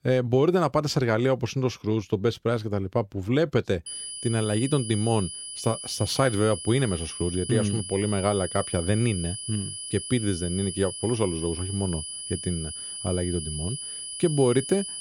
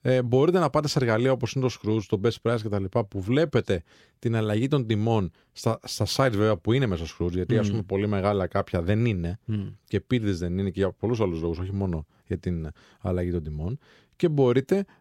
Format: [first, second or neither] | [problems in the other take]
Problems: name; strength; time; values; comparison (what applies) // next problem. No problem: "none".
second | high-pitched whine; loud; from 4 s on; 10 kHz, 7 dB below the speech